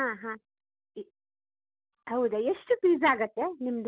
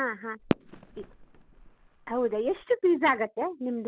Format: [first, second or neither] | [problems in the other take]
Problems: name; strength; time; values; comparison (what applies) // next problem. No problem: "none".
first | background sound (Fireworks); 8 dB below the speech